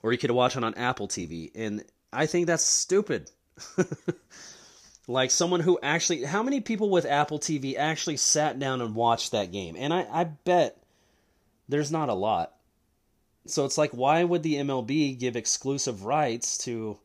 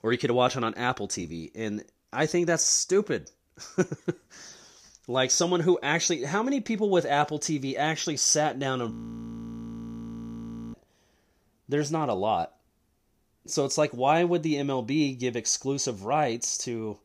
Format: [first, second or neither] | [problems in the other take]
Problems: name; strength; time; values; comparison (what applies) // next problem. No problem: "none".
first | audio freezing; at 9 s for 2 s